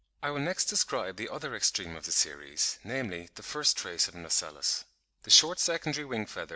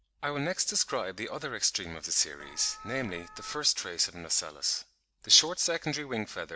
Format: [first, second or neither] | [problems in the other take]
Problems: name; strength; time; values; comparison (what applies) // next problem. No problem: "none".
first | background sound (Alarm); 16 dB below the speech